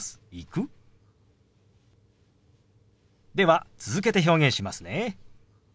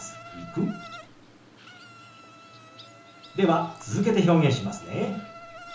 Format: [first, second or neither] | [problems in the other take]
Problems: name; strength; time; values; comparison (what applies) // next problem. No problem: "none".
first | background sound (Insect); 18 dB below the speech // room echo; dies away in 0.8 s